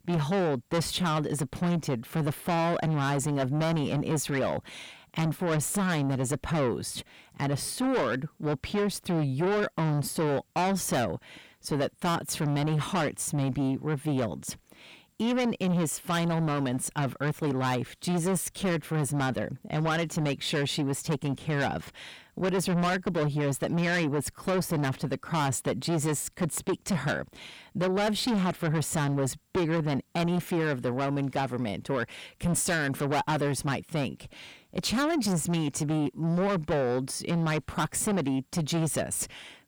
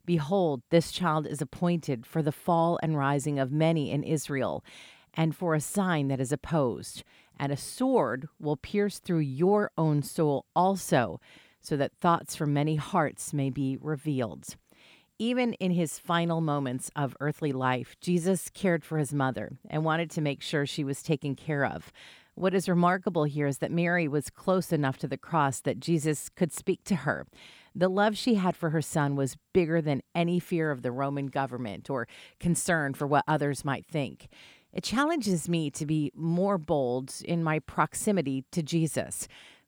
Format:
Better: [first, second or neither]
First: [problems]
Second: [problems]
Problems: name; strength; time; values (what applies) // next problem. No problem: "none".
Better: second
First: distortion; heavy; 6 dB below the speech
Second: none